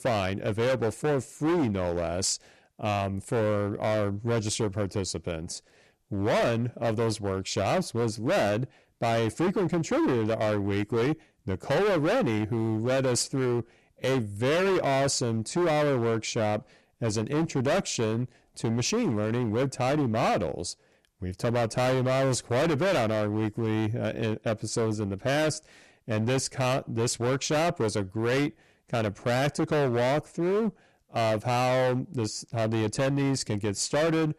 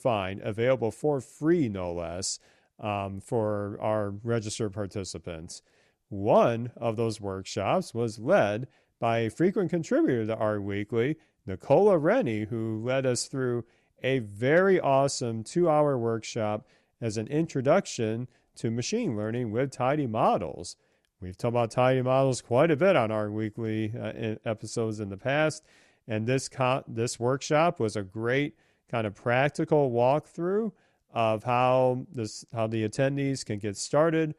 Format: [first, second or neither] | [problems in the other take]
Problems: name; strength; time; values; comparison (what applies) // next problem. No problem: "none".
second | distortion; heavy; 21% of the sound clipped